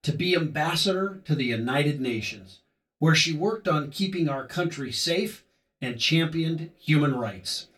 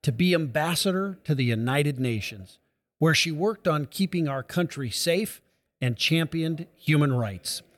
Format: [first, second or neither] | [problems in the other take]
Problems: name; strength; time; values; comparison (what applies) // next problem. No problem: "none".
second | room echo; very slight; dies away in 0.2 s // off-mic speech; far